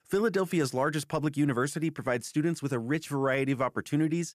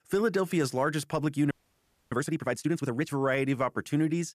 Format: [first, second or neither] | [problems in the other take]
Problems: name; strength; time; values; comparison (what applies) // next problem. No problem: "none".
first | audio freezing; at 1.5 s for 0.5 s